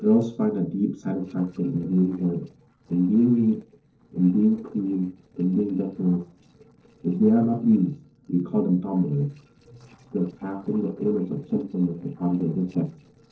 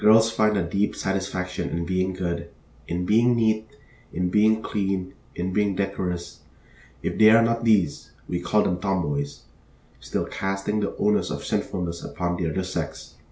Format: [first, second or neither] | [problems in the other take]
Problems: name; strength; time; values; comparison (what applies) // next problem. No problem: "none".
second | noise reduction (neural separator model SepFormer DNS4)